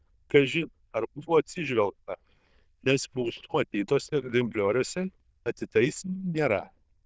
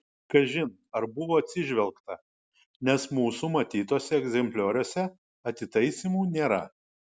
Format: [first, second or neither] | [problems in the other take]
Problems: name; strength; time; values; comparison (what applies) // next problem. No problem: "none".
second | noise reduction (neural diffusion model UNIVERSE++)